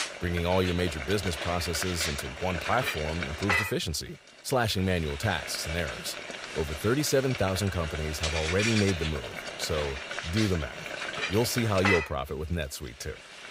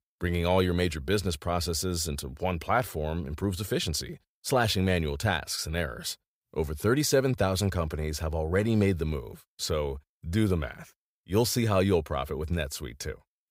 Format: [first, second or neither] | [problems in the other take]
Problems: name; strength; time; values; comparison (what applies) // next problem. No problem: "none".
second | household noises; loud; throughout; 3 dB below the speech